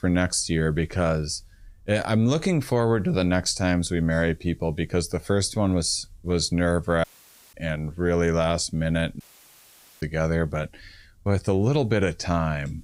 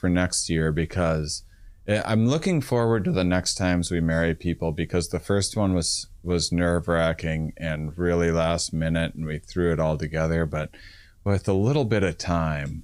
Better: second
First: audio cutting out; at 7 s and at 9 s for 1 s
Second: none

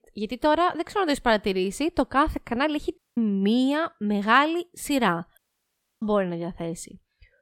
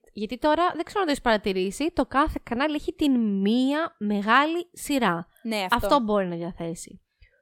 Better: second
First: audio cutting out; at 3 s and at 5.5 s for 0.5 s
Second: none

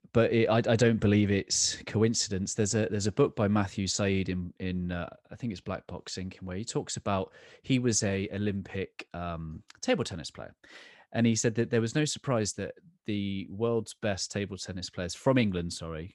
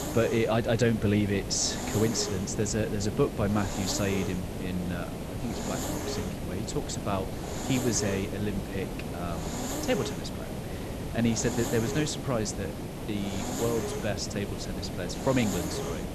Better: first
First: none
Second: hiss; loud; throughout; 4 dB below the speech

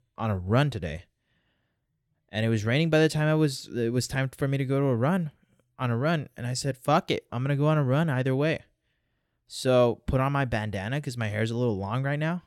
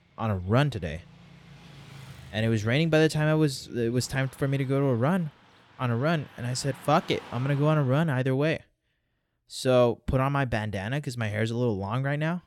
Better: first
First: none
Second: traffic noise; faint; until 8 s; 25 dB below the speech

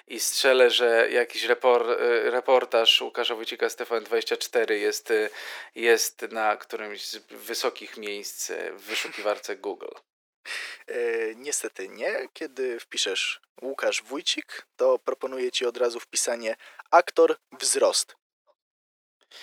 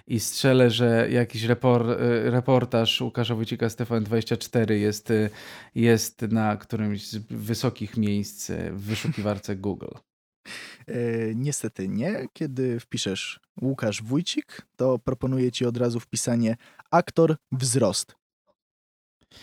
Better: second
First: thin; very; fading below 400 Hz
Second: none

